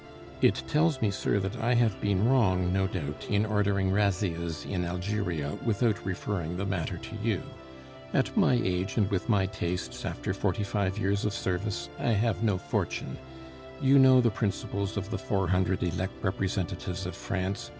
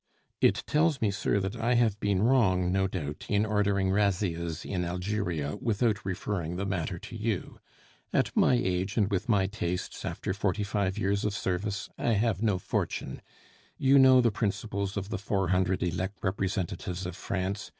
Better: second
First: background sound (Musical instrument + Subway, metro, underground); 16 dB below the speech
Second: none

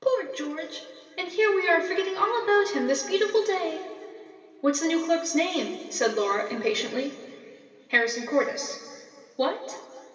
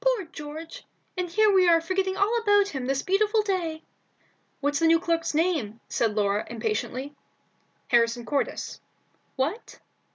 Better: second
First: room echo; dies away in 2.7 s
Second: none

